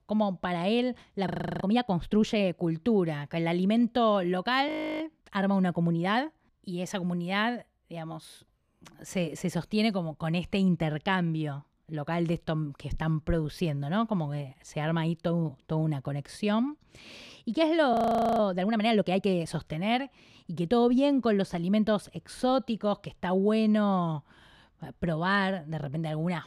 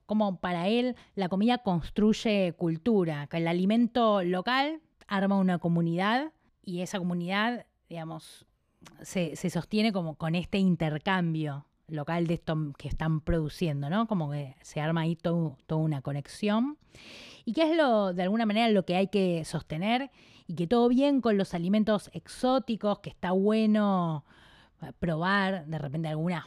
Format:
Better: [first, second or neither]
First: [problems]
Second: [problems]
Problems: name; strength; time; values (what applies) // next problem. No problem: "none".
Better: second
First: audio freezing; at 1.5 s, at 4.5 s and at 18 s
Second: none